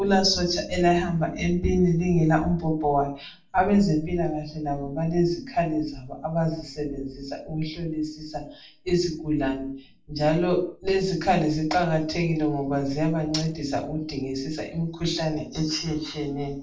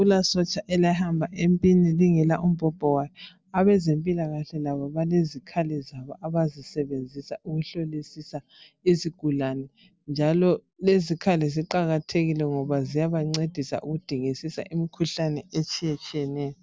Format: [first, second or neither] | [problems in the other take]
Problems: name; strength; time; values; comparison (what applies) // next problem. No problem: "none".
second | room echo; dies away in 0.4 s